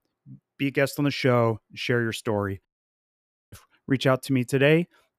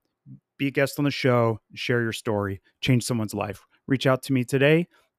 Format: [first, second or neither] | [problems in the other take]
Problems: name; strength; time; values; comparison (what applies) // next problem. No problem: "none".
second | audio cutting out; at 2.5 s for 1 s